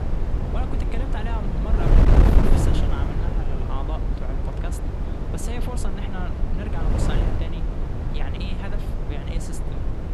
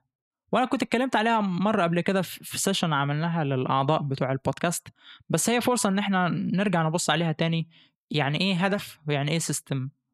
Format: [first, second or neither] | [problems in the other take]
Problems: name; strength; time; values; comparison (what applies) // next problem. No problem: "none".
second | wind noise on the microphone; heavy; 4 dB above the speech